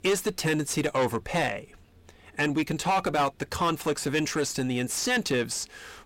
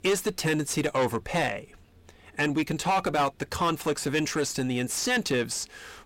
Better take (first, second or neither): neither